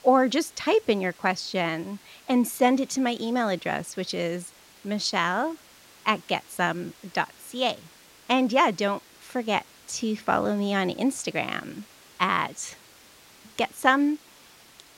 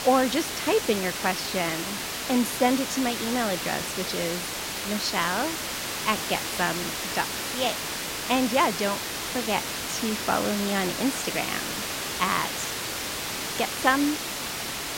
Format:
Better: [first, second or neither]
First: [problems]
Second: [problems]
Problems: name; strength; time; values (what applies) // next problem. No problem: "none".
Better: first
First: hiss; faint; throughout; 25 dB below the speech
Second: hiss; loud; throughout; 2 dB below the speech